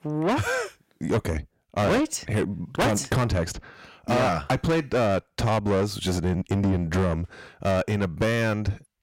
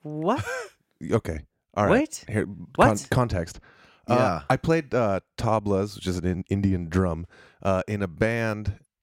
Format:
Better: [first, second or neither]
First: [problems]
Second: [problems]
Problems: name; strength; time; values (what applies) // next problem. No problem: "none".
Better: second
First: distortion; heavy; 6 dB below the speech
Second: none